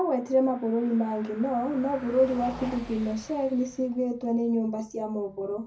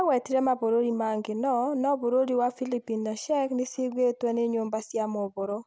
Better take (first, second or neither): second